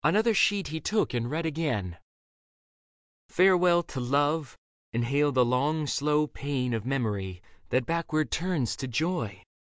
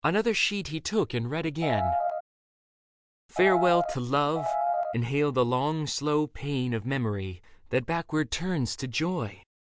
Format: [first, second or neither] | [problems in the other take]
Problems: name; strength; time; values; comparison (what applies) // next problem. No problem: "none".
first | background sound (Piano); 1 dB above the speech